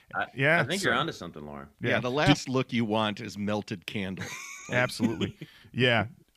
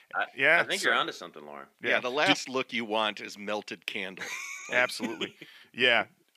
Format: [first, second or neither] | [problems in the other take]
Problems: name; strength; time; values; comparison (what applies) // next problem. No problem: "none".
first | thin; somewhat; fading below 350 Hz